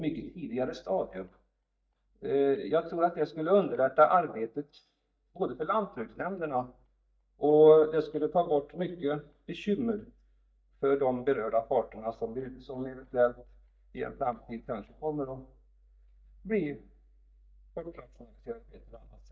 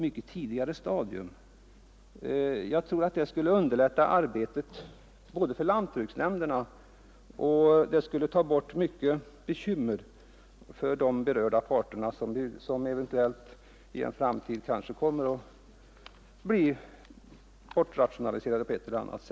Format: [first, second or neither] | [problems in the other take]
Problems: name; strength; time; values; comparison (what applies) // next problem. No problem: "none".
second | noise reduction (neural mask model DeepFilterNet 3)